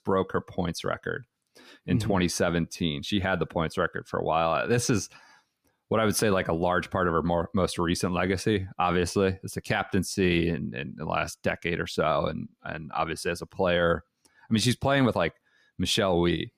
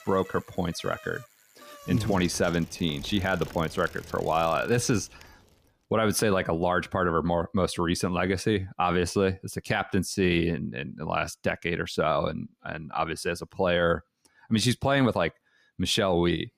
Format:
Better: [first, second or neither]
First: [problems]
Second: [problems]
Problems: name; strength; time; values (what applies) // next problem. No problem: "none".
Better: first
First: none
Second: traffic noise; noticeable; until 5.5 s; 20 dB below the speech